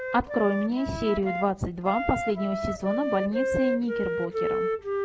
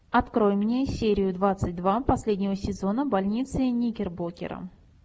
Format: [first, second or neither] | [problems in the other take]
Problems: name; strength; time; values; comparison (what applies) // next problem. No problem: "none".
second | background sound (Wind instrument, woodwind instrument); 2 dB below the speech